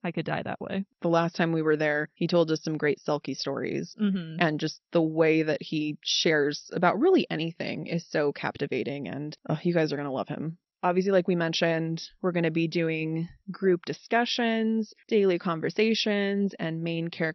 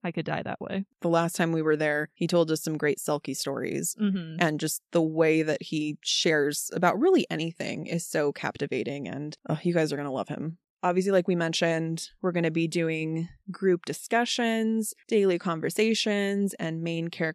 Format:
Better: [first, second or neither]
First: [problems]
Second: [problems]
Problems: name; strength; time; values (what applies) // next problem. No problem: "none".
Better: second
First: garbled, watery; slightly; nothing above 6 kHz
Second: none